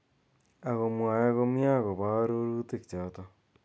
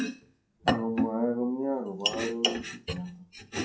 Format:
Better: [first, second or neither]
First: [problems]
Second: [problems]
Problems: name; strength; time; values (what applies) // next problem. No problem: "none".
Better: first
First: none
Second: noise reduction (classical method WPE with log-MMSE)